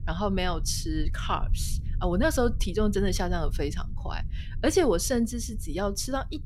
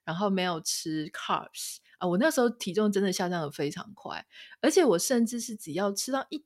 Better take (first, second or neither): second